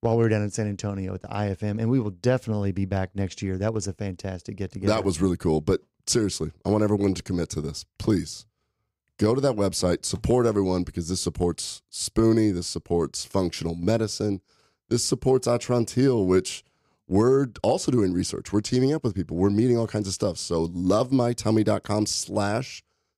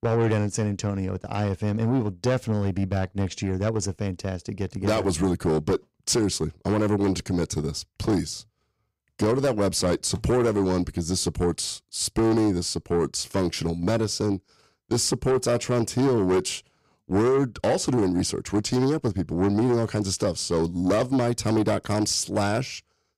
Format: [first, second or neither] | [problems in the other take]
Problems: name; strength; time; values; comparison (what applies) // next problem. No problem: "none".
first | distortion; slight; 10 dB below the speech